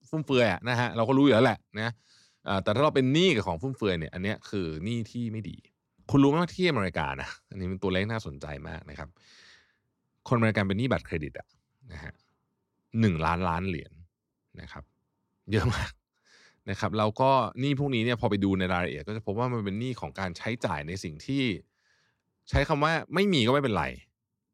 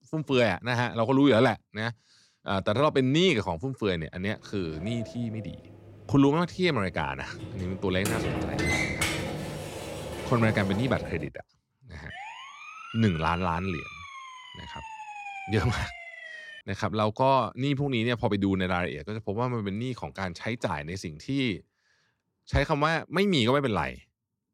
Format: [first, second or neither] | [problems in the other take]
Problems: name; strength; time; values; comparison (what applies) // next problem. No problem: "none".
first | door banging; loud; from 4.5 to 11 s; peak 1 dB above the speech // siren; faint; from 12 to 17 s; peak 10 dB below the speech